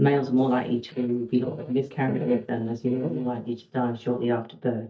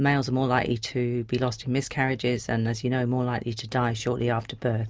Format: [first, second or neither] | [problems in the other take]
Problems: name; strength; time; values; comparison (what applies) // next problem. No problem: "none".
second | noise reduction (neural mask model DeepFilterNet 3)